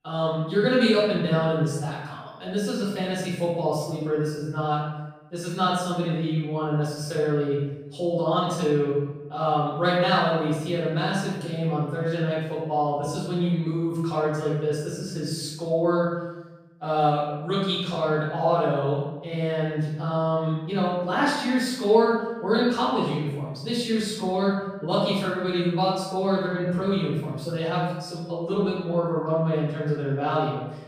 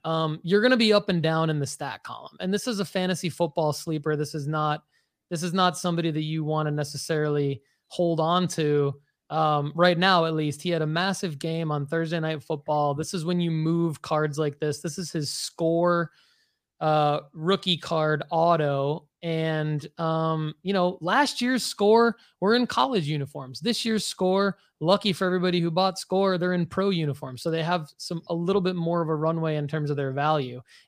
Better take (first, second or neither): second